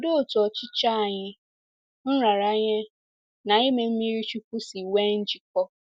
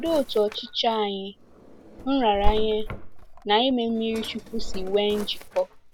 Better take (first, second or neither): first